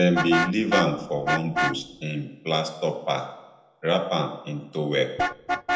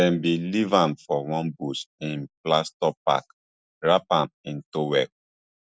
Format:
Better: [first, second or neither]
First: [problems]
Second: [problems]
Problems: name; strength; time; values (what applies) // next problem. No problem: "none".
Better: second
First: background sound (Vehicle horn, car horn, honking); 4 dB below the speech // room echo; dies away in 0.7 s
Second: none